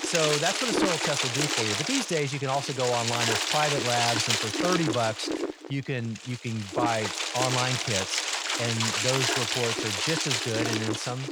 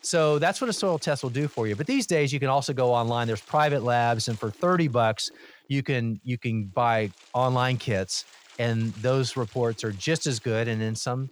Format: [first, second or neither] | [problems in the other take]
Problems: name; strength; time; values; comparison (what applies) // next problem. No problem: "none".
second | wind noise on the microphone; heavy; 4 dB above the speech; occasional gusts in the second